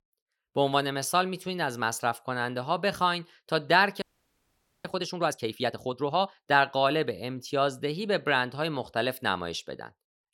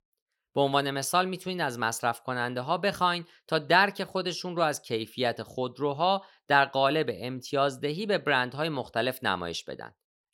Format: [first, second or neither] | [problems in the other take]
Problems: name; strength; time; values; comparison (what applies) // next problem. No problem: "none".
second | audio freezing; at 4 s for 1 s